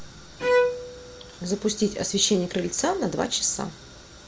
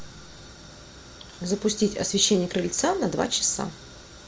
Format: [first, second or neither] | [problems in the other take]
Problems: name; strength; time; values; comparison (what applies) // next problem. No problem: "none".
second | background sound (Bowed string instrument); 1 dB below the speech